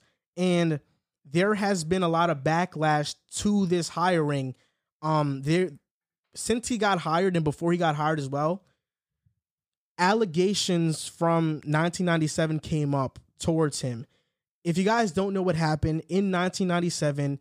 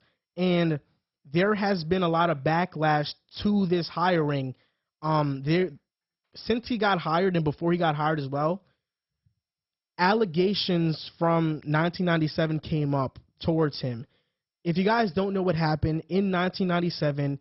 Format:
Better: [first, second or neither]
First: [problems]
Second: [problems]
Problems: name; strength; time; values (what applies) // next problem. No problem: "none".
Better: first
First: none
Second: garbled, watery; badly; nothing above 5.5 kHz